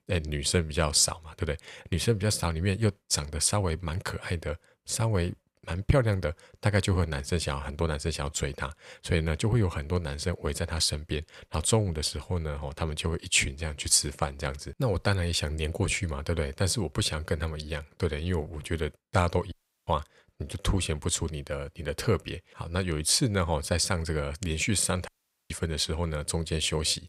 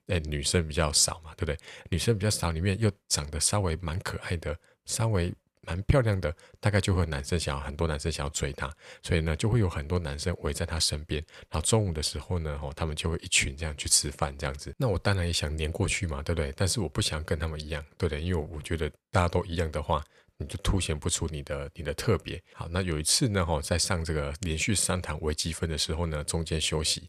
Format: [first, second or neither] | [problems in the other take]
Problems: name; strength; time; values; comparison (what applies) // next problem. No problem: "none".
second | audio cutting out; at 20 s and at 25 s